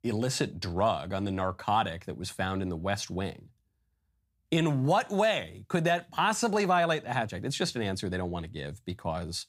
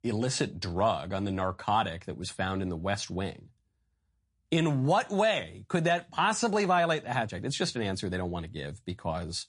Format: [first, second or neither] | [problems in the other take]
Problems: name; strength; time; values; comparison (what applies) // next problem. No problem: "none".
first | garbled, watery; slightly; nothing above 10 kHz